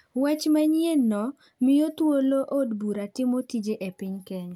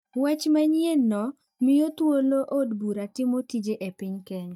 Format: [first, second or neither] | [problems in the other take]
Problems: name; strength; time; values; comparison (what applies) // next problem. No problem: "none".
first | noise reduction (neural mask model DeepFilterNet 3)